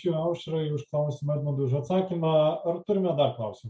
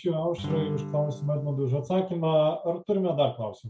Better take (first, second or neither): first